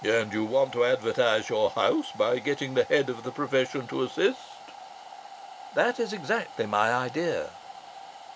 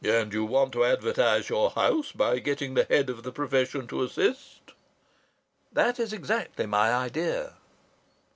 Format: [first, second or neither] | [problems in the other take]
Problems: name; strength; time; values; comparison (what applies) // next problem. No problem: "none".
second | background sound (Domestic sounds, home sounds); 17 dB below the speech